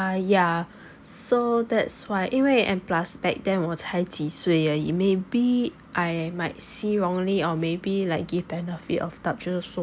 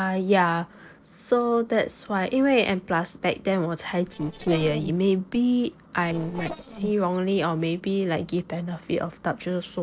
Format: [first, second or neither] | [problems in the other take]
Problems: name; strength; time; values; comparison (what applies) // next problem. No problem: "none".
first | noise reduction (neural separator model SepFormer DNS4)